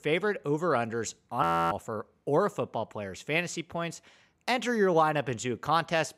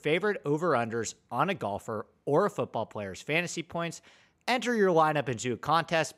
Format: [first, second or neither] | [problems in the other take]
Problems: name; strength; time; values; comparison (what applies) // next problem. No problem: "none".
second | audio freezing; at 1.5 s